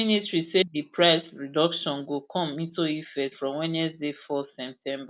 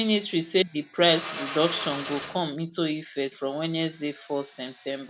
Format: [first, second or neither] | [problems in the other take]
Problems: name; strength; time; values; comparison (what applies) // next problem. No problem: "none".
first | background sound (Drill); 14 dB below the speech